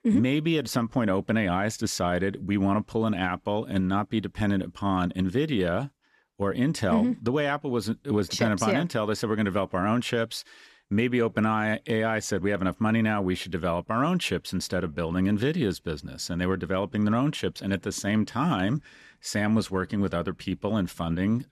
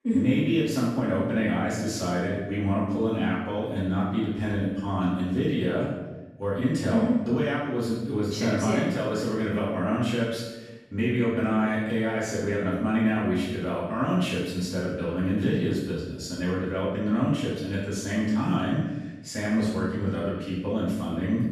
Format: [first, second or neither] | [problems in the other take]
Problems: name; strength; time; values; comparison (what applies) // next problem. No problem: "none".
first | room echo; strong; dies away in 1 s // off-mic speech; far